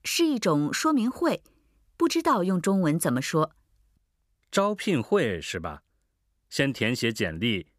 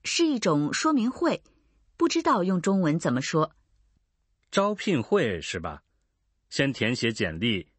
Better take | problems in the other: first | garbled, watery; slightly; nothing above 8 kHz

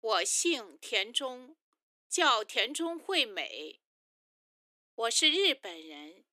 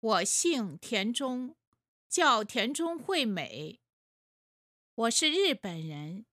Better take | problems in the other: second | thin; somewhat; fading below 300 Hz

